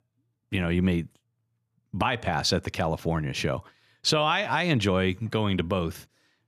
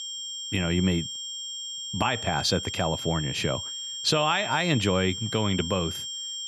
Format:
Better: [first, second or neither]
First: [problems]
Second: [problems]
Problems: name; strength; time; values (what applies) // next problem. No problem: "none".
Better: first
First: none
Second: high-pitched whine; loud; throughout; 3 kHz, 6 dB below the speech